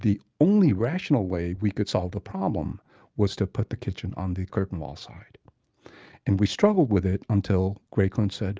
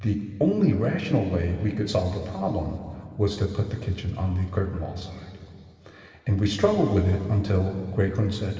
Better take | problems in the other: first | room echo; dies away in 2.7 s

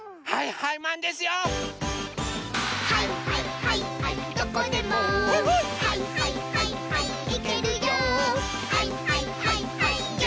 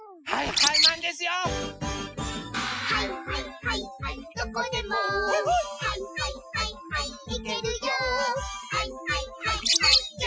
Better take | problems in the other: first | noise reduction (classical method Wiener filter)

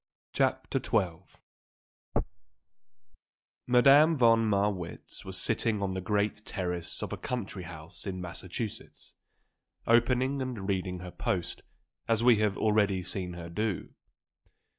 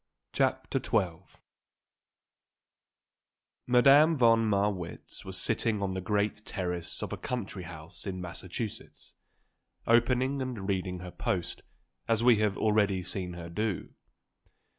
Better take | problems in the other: second | noise reduction (neural mask model DeepFilterNet 3)

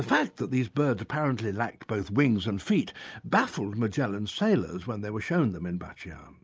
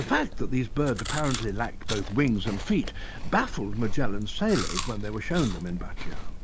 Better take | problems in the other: first | background sound (Chewing, mastication); 2 dB below the speech

